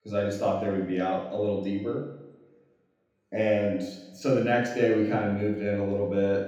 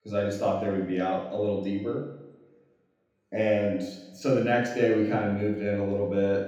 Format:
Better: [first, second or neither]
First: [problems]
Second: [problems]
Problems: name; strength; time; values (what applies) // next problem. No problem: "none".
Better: neither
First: room echo; noticeable; dies away in 0.9 s // off-mic speech; far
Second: room echo; noticeable; dies away in 0.9 s // off-mic speech; far